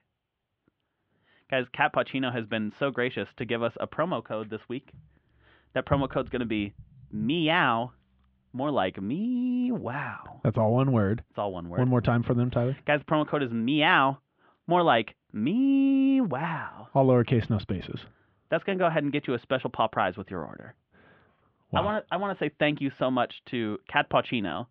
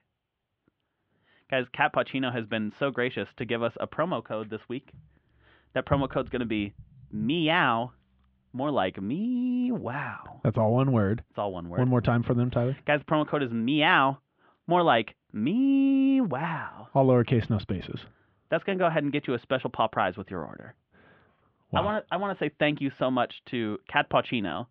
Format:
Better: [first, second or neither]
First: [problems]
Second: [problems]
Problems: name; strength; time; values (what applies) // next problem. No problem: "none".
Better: neither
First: muffled; very; fading above 3 kHz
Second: muffled; very; fading above 3 kHz